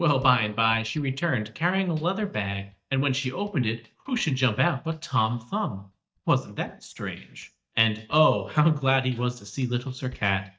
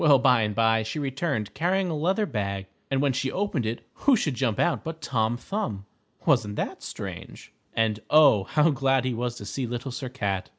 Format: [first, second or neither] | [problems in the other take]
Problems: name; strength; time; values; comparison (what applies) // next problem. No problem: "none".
second | noise reduction (neural mask model DeepFilterNet 3)